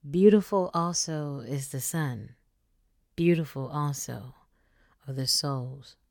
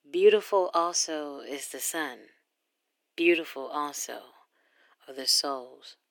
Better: first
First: none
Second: thin; very; fading below 300 Hz

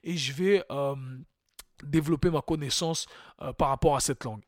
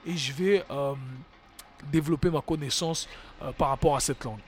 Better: first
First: none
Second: rain or running water; faint; throughout; 25 dB below the speech

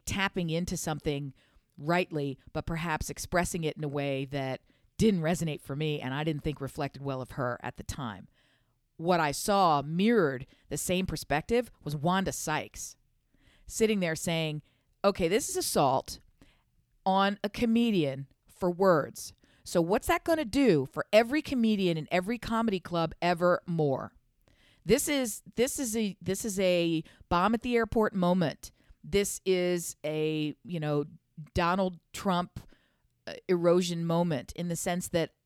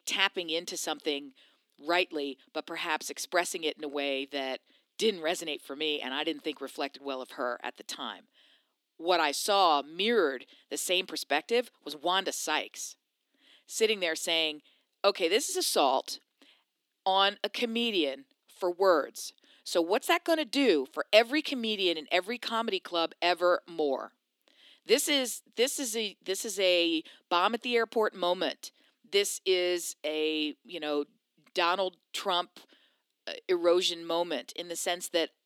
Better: first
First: none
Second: thin; somewhat; fading below 250 Hz

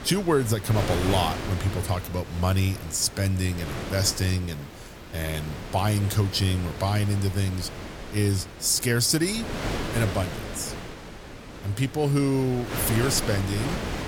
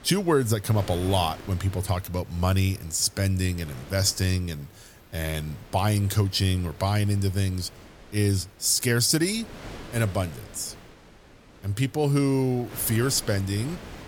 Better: second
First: wind noise on the microphone; heavy; 7 dB below the speech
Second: wind noise on the microphone; occasional gusts; 20 dB below the speech

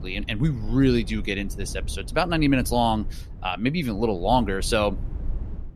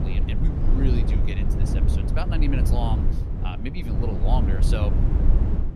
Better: first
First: low rumble; faint; throughout; 25 dB below the speech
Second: low rumble; loud; throughout; 2 dB below the speech

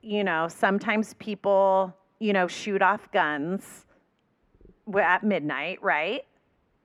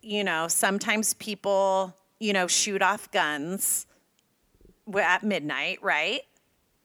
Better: second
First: muffled; very; fading above 4 kHz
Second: none

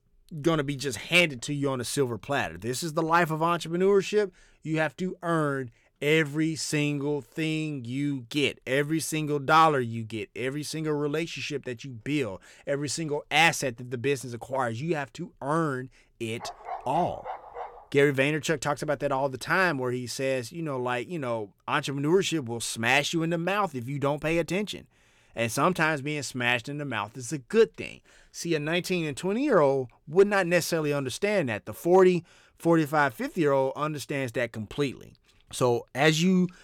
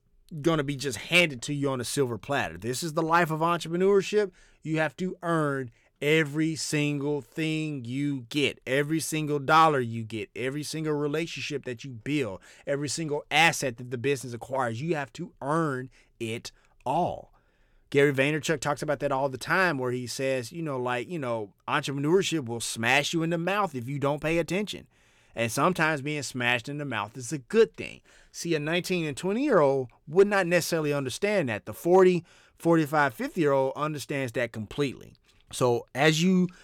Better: second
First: dog barking; faint; from 16 to 18 s; peak 10 dB below the speech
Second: none

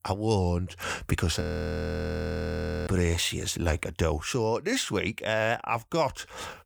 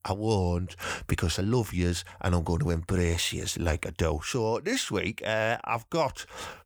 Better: second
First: audio freezing; at 1.5 s for 1.5 s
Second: none

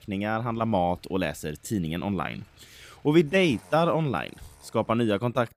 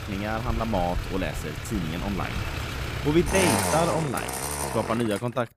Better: first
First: traffic noise; faint; throughout; 30 dB below the speech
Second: traffic noise; loud; throughout; 2 dB below the speech

